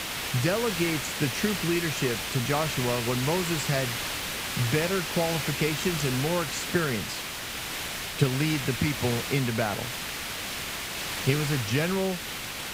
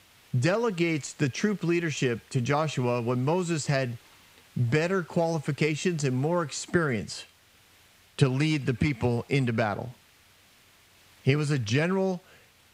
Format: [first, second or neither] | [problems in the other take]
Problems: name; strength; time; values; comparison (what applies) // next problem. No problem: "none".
second | hiss; loud; throughout; 2 dB below the speech; faint in the second